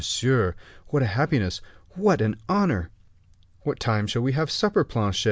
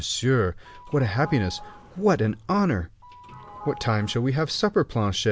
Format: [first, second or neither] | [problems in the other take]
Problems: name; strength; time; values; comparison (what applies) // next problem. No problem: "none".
first | background sound (Sliding door / Doorbell); 20 dB below the speech